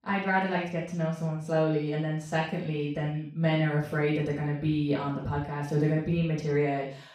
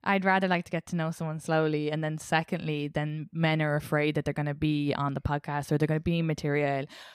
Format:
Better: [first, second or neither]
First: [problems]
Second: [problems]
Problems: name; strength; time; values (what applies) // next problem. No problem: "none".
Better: second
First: room echo; noticeable; dies away in 0.4 s // off-mic speech; far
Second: none